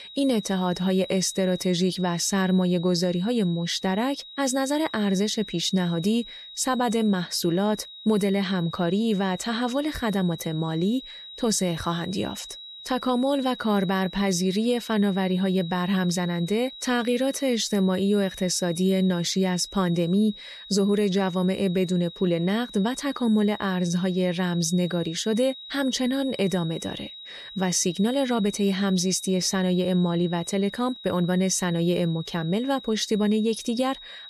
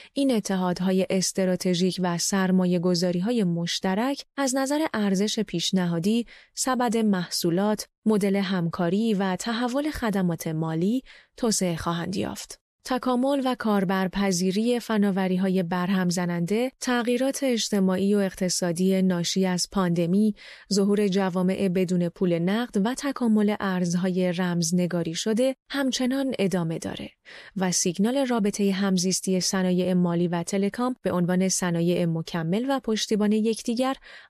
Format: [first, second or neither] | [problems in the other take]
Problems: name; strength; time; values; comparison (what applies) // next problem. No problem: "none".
second | high-pitched whine; noticeable; throughout; 4 kHz, 15 dB below the speech